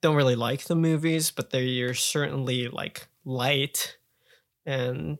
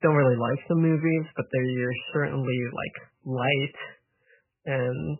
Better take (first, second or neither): first